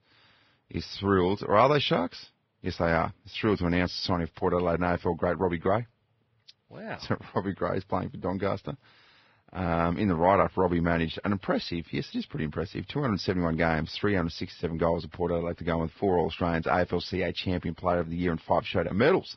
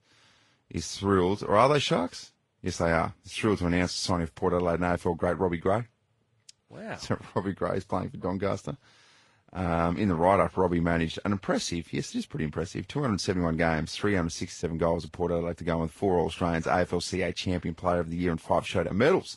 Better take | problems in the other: second | garbled, watery; badly; nothing above 5.5 kHz; slightly in the second

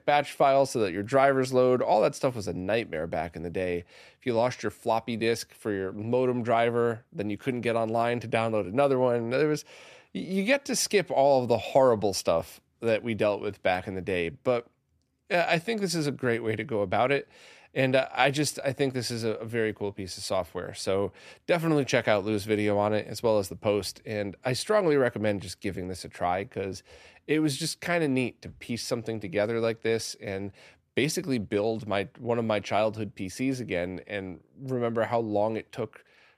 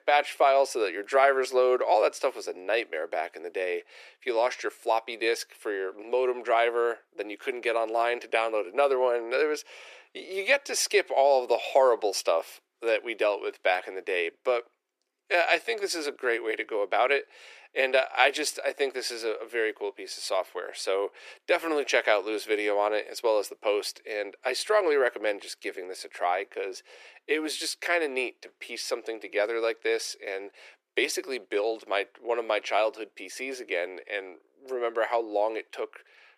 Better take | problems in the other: first | thin; very; fading below 350 Hz

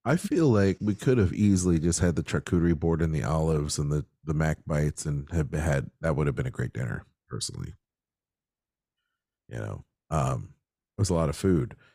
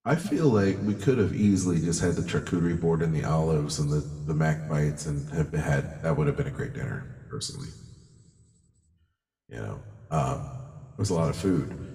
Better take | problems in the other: first | room echo; slight; dies away in 1.5 s // off-mic speech; somewhat distant

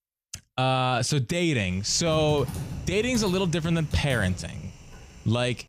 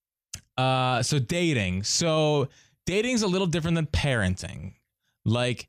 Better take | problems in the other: second | keyboard typing; noticeable; from 2 s on; peak 8 dB below the speech

